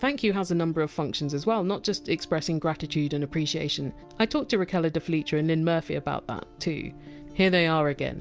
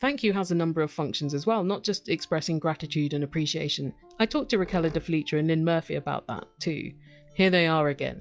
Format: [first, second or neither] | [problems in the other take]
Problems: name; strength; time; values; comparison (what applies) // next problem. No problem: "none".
first | noise reduction (classical method log-MMSE)